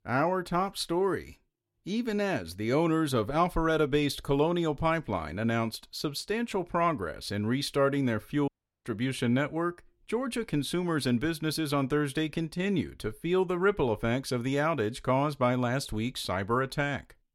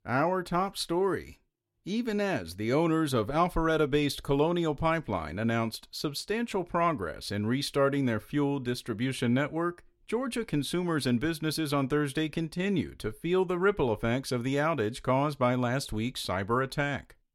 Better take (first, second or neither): second